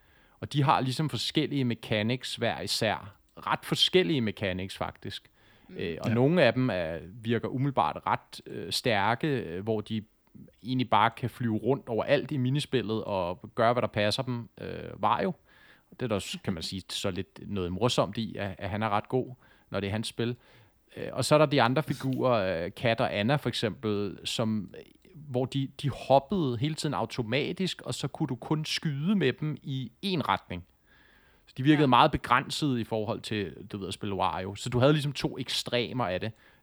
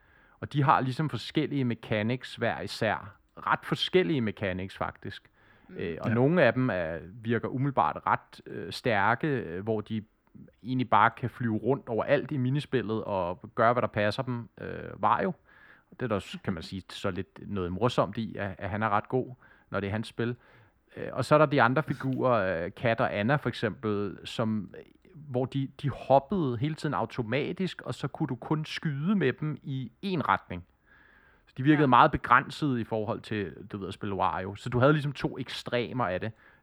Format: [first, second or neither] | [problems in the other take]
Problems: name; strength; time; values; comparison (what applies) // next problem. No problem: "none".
first | muffled; slightly; fading above 3 kHz